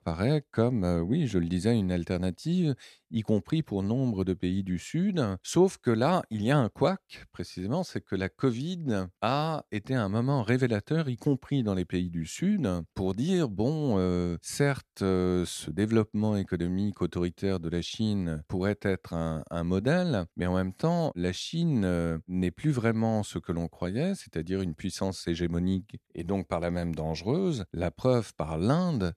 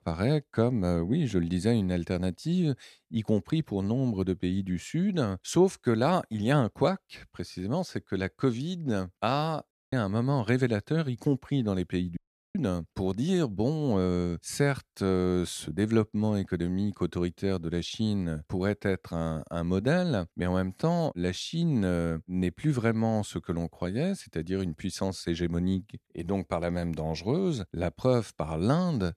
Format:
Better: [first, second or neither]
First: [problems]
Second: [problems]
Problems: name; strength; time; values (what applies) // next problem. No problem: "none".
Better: first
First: none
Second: audio cutting out; at 9.5 s and at 12 s